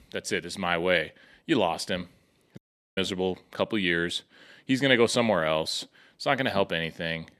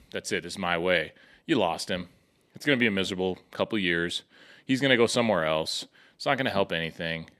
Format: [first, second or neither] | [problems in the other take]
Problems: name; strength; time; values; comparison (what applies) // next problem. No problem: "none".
second | audio cutting out; at 2.5 s